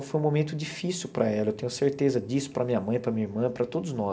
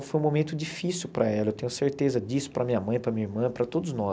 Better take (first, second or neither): second